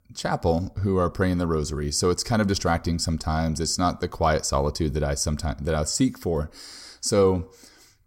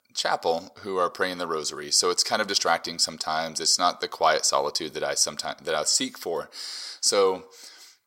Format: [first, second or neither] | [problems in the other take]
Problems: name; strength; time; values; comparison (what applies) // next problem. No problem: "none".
first | thin; very; fading below 550 Hz